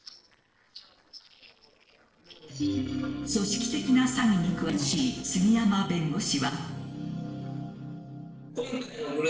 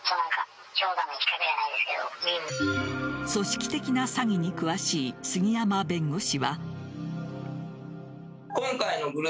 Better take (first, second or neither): second